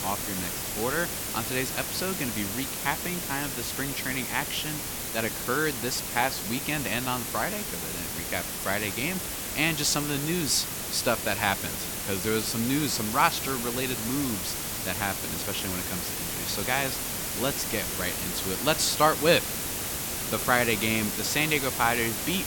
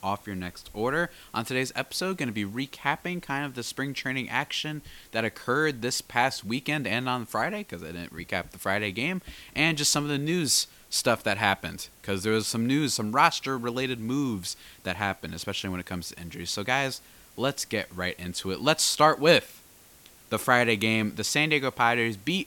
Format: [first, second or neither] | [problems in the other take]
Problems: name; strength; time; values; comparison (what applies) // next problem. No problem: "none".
second | hiss; loud; throughout; 2 dB below the speech; faint in the second